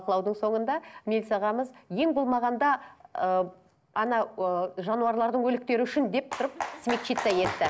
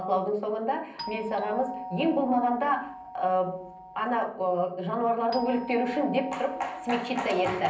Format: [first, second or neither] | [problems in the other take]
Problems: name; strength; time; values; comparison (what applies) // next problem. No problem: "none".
first | background sound (Doorbell); 13 dB below the speech // room echo; dies away in 0.6 s